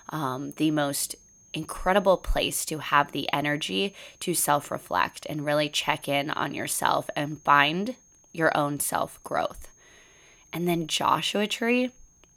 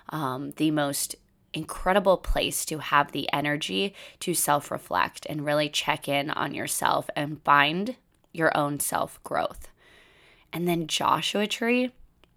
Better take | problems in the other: second | high-pitched whine; faint; throughout; 6.5 kHz, 30 dB below the speech

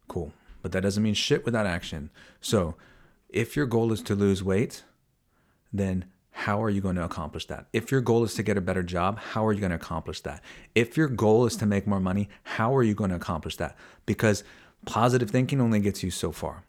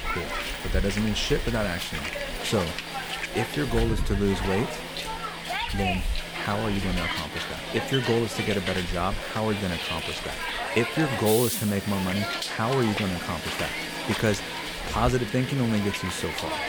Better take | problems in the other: first | hiss; loud; throughout; 2 dB below the speech

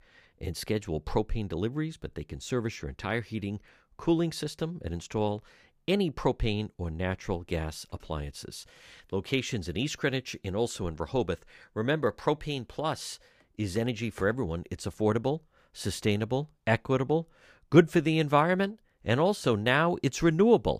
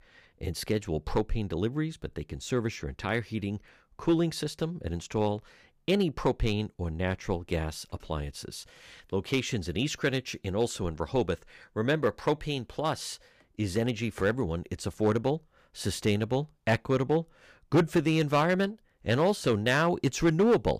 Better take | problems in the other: first | distortion; slight; 1.8% of the sound clipped

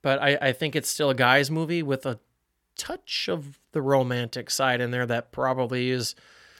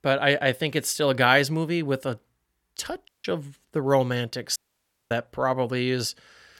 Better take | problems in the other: first | audio cutting out; at 3 s and at 4.5 s for 0.5 s

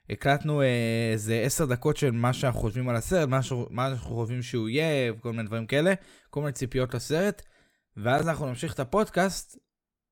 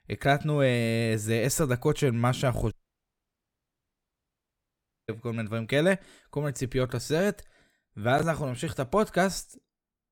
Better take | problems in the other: first | audio cutting out; at 2.5 s for 2.5 s

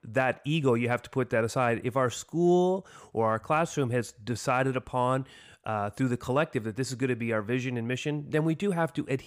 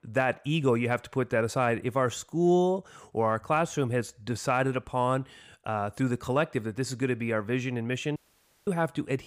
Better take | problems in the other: first | audio cutting out; at 8 s for 0.5 s

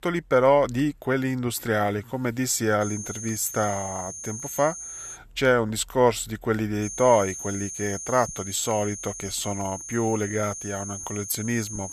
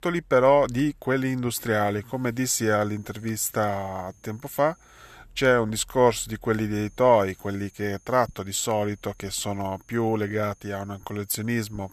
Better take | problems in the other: second | high-pitched whine; loud; from 3 to 5 s and from 7 s on; 6.5 kHz, 9 dB below the speech; faint in the second

